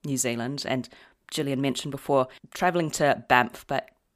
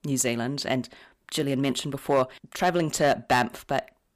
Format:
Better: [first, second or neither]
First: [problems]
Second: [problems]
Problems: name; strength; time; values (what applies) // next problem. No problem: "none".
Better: first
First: none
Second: distortion; slight; 3% of the sound clipped